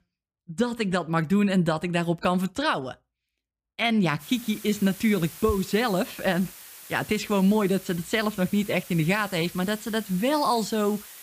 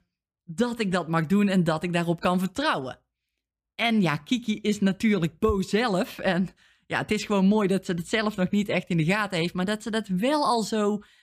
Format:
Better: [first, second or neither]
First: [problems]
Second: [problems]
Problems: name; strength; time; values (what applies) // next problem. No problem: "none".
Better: second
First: hiss; very faint; from 4 s on; 15 dB below the speech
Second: none